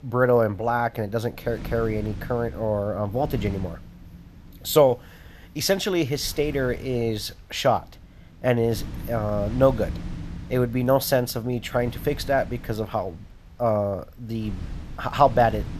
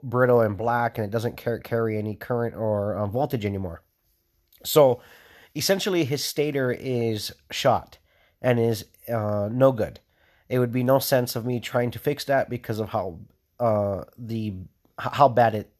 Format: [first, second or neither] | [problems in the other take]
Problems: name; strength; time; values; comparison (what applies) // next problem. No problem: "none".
second | wind noise on the microphone; occasional gusts; 20 dB below the speech